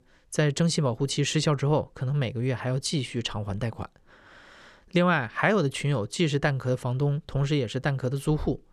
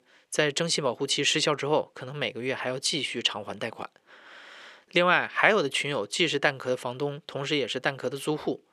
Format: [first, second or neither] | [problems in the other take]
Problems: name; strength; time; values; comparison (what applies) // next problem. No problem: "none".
first | thin; somewhat; fading below 350 Hz